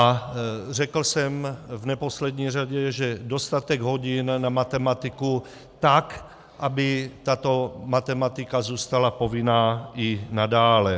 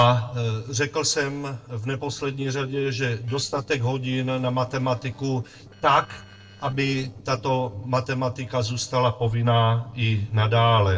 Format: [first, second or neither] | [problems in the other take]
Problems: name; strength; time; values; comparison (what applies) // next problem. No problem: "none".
first | noise reduction (neural separator model SepFormer DNS4)